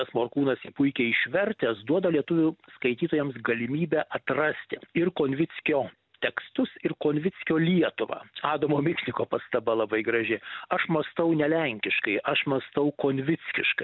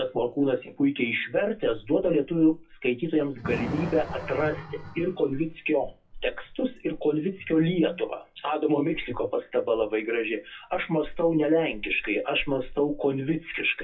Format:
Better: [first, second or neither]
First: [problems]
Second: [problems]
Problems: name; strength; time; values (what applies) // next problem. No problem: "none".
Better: first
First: none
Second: noise reduction (classical method WPE with log-MMSE)